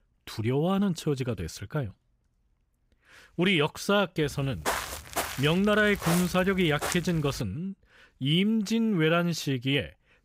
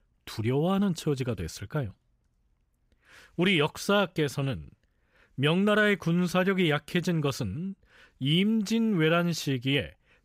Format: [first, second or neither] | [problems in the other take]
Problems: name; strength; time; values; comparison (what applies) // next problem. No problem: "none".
second | footsteps; noticeable; from 4.5 to 7.5 s; peak 3 dB below the speech